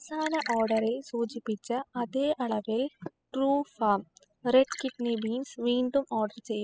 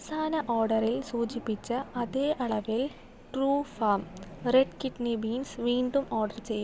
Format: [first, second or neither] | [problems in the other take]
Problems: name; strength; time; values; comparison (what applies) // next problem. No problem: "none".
second | noise reduction (classical method spectral subtraction)